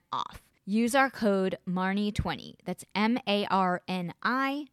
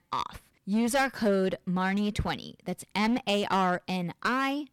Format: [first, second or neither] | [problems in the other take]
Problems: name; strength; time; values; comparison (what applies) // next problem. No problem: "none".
first | distortion; slight; 7% of the sound clipped